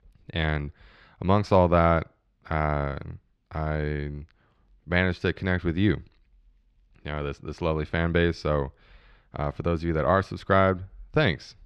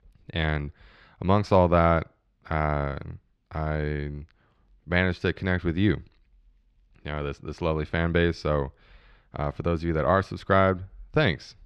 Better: neither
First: muffled; very slightly; fading above 3 kHz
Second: muffled; very slightly; fading above 3 kHz

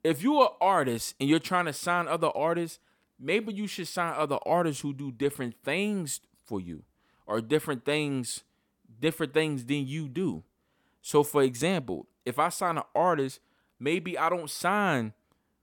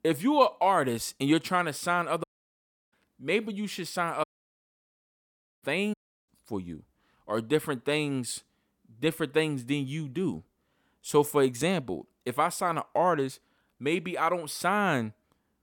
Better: first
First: none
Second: audio cutting out; at 2 s for 0.5 s, at 4 s for 1.5 s and at 6 s

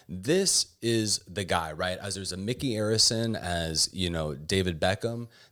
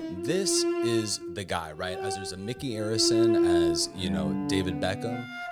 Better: first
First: none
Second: background music; very loud; throughout; 2 dB above the speech

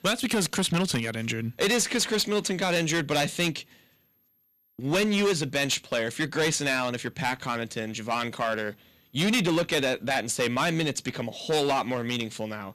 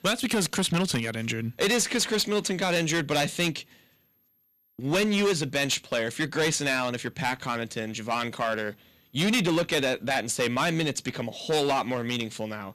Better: neither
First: distortion; heavy; 10% of the sound clipped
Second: distortion; heavy; 10% of the sound clipped

